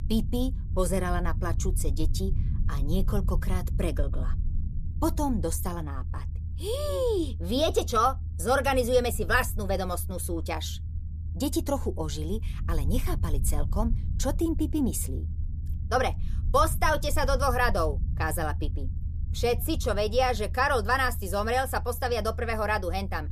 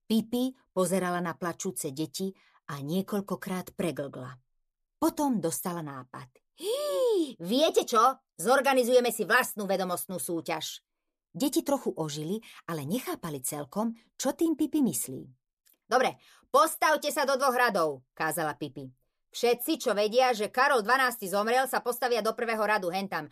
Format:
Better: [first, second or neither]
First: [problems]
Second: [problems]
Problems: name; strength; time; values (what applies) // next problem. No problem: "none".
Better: second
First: low rumble; faint; throughout; 20 dB below the speech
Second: none